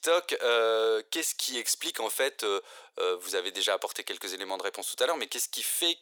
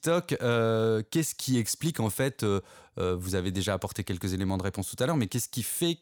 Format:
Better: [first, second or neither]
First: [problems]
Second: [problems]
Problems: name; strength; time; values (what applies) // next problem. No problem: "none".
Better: second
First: thin; very; fading below 400 Hz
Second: none